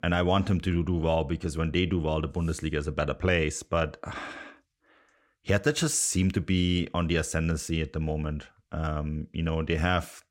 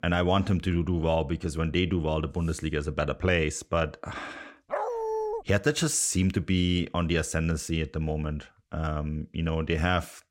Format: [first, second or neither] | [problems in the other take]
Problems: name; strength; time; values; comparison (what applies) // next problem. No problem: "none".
first | dog barking; noticeable; at 4.5 s; peak 2 dB below the speech